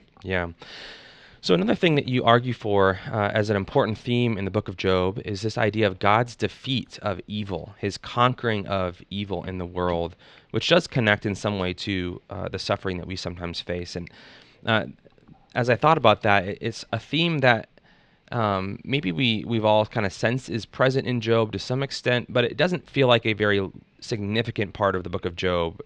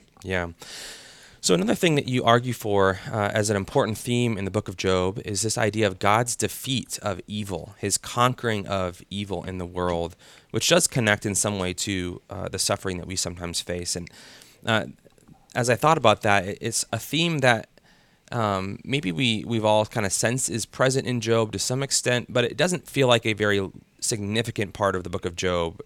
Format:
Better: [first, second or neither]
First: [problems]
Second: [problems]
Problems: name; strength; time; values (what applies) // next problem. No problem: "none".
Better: second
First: muffled; slightly; fading above 4 kHz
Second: none